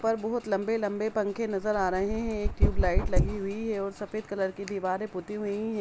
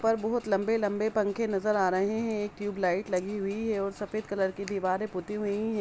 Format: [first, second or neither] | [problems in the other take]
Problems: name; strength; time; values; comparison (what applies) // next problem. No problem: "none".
second | background sound (Dog); 1 dB above the speech